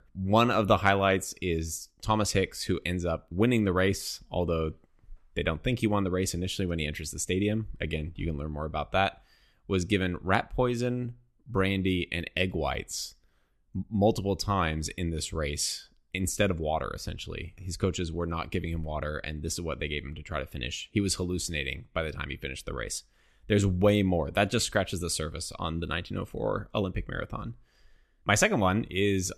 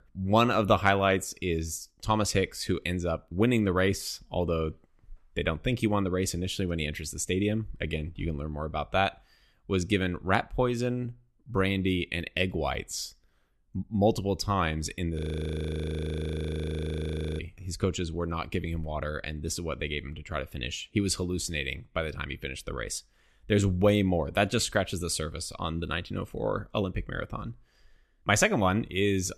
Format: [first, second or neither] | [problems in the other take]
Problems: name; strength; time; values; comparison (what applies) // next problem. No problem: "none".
first | audio freezing; at 15 s for 2 s